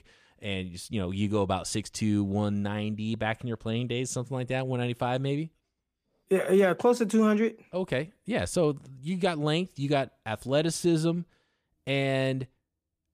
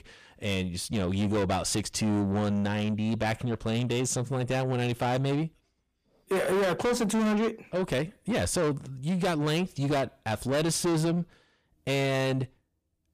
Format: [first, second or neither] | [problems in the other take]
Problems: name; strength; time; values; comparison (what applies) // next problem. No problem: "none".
first | distortion; heavy; 6 dB below the speech